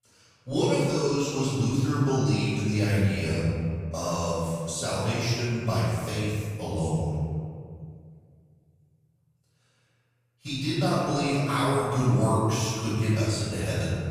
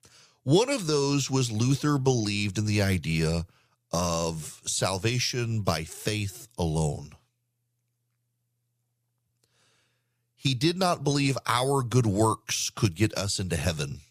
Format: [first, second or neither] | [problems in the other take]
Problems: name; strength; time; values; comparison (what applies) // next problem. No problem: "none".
second | off-mic speech; far // room echo; strong; dies away in 2.1 s